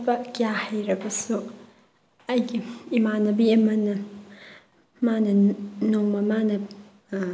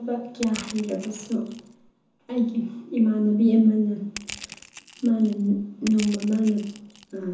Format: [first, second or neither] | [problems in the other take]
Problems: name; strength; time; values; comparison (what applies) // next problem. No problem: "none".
first | background sound (Crushing); 17 dB below the speech // room echo; dies away in 0.9 s